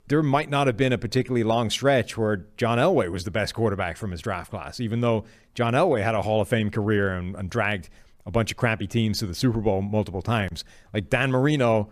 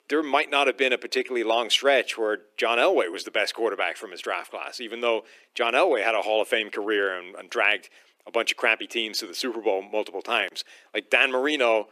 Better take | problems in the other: first | thin; very; fading below 300 Hz

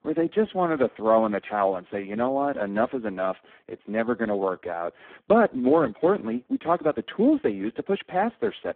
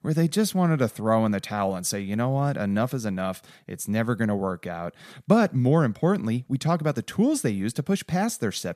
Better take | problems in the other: second | phone-call audio; poor line

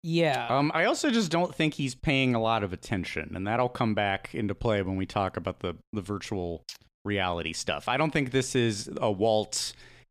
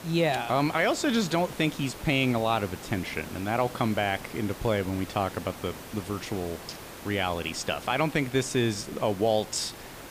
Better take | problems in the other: first | hiss; noticeable; throughout; 15 dB below the speech

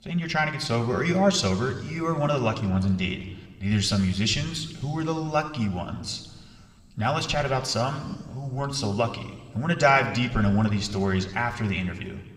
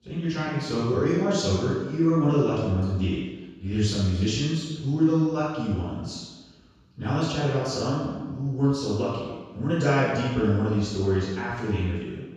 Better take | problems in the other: first | room echo; strong; dies away in 1.2 s; slight in the first // off-mic speech; far

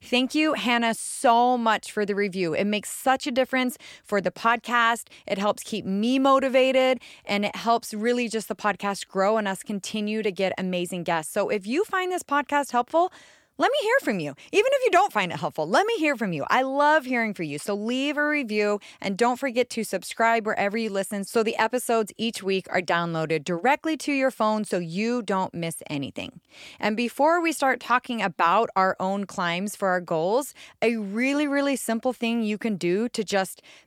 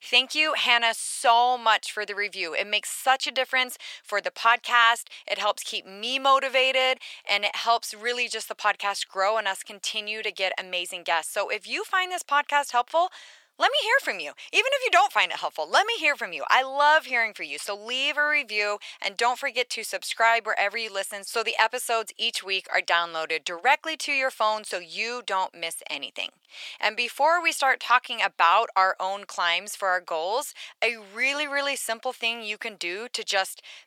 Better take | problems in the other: first | thin; very; fading below 800 Hz

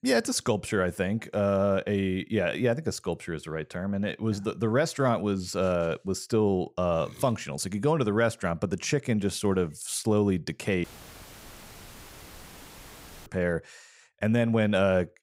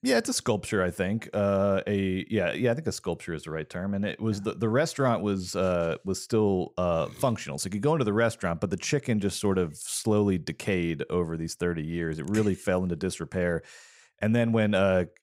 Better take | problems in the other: second | audio cutting out; filled with static; at 11 s for 2.5 s

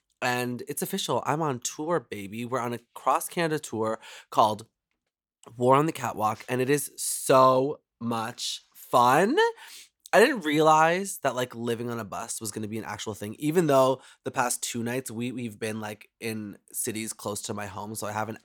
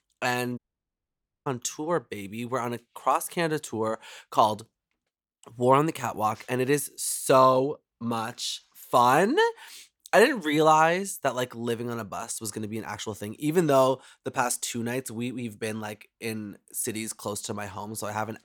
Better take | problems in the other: first | audio cutting out; at 0.5 s for 1 s

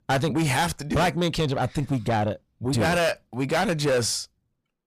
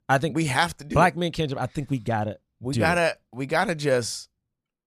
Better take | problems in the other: second | distortion; heavy; 6 dB below the speech

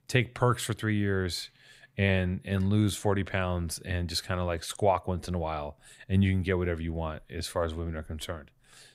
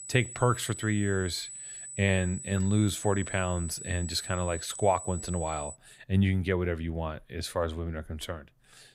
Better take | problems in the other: first | high-pitched whine; loud; until 5.5 s; 8 kHz, 9 dB below the speech

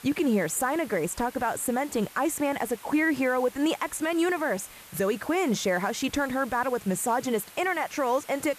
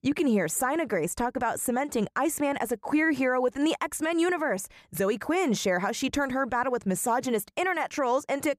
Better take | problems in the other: second | hiss; noticeable; throughout; 20 dB below the speech

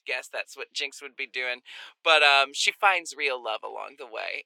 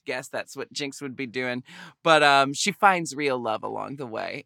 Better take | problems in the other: second | thin; very; fading below 450 Hz

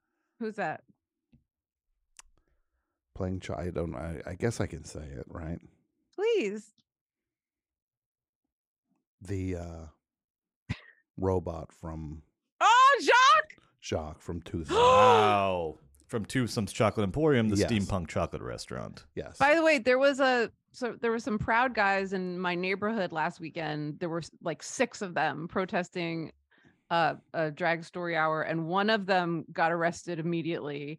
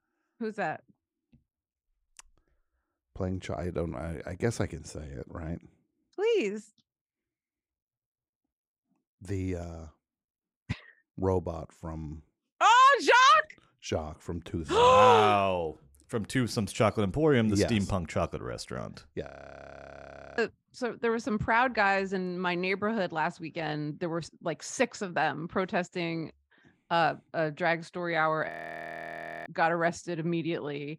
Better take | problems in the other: first | audio freezing; at 19 s for 1 s and at 28 s for 1 s

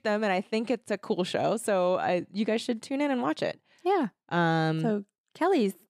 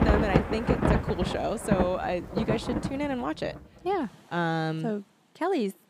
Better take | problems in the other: first | rain or running water; very loud; throughout; 2 dB above the speech

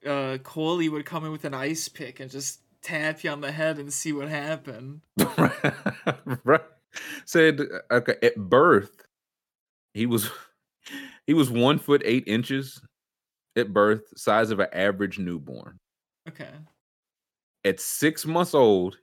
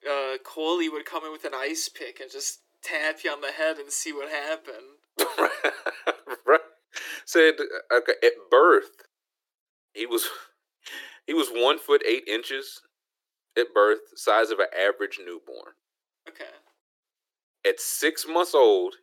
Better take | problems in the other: first | thin; very; fading below 350 Hz

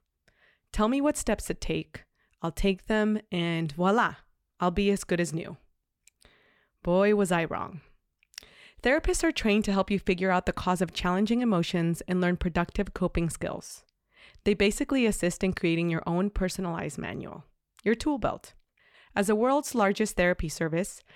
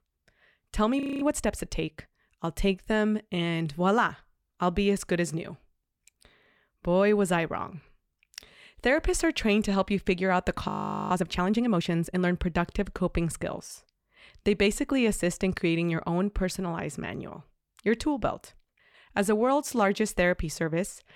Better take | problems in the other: first | audio freezing; at 1 s and at 11 s

